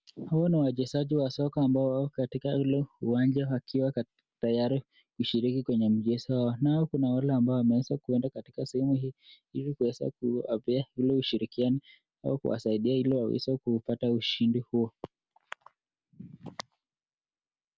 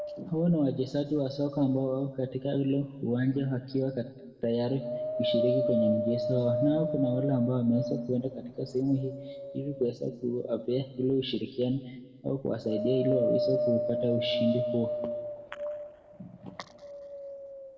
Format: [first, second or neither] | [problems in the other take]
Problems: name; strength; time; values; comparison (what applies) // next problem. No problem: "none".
first | background sound (Wind); 4 dB below the speech // room echo; dies away in 1.3 s